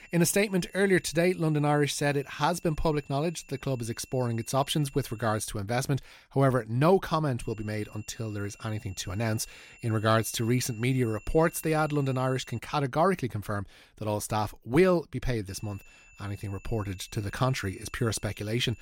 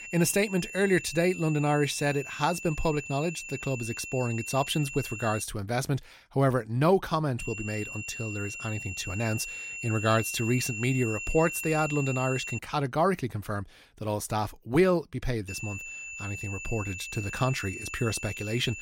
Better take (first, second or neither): first